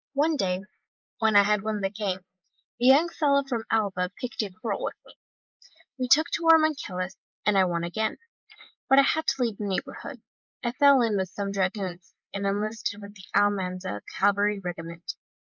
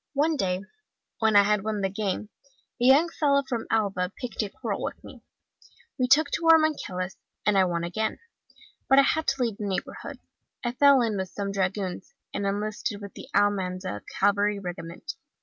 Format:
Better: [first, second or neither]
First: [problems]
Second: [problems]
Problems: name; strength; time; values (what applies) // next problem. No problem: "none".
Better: second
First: noise reduction (neural mask model Resemble Enhance denoiser)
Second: none